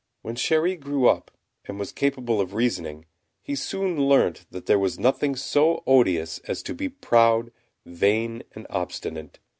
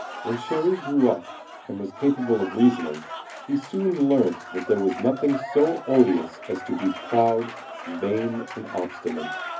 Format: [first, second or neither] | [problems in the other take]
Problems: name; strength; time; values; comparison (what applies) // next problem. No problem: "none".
first | background sound (Applause / Cheering); 12 dB below the speech // room echo; dies away in 0.3 s